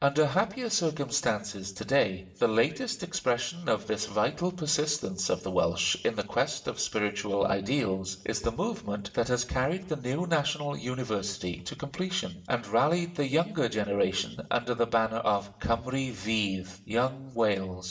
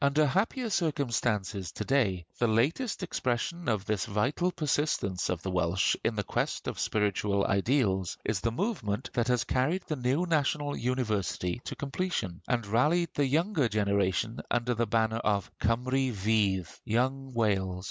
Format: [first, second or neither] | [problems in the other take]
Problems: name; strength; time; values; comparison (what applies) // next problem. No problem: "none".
second | room echo; dies away in 0.7 s